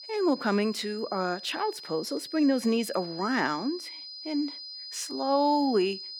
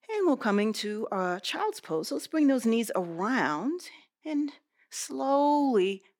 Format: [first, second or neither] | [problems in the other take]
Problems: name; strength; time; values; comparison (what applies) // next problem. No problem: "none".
second | high-pitched whine; noticeable; throughout; 5 kHz, 10 dB below the speech